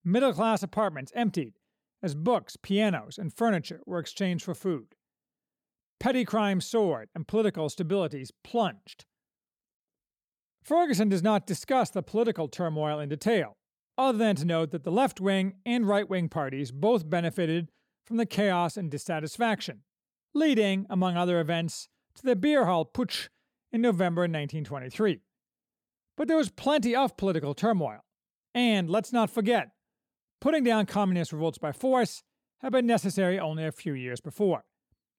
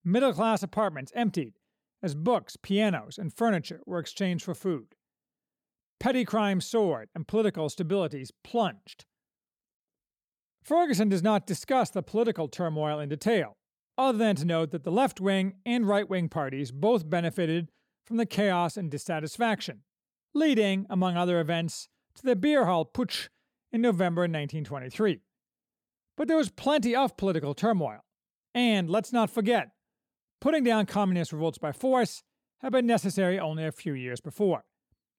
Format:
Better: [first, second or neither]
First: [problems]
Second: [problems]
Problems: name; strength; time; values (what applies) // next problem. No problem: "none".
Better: neither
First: none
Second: none